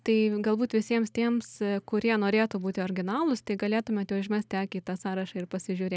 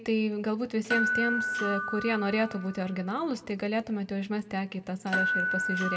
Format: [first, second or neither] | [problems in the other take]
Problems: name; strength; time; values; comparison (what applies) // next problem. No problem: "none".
first | background sound (Door / Bell); 3 dB below the speech // room echo; dies away in 2.2 s